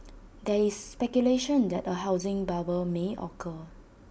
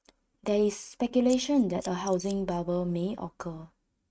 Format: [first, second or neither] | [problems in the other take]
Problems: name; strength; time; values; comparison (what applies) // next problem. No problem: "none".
first | noise reduction (neural mask model RNNoise)